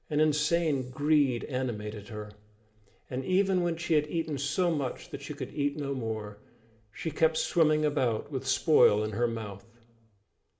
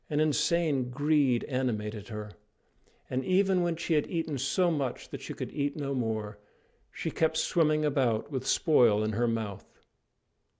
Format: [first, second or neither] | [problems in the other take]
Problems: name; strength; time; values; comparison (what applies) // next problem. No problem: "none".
second | room echo; dies away in 0.8 s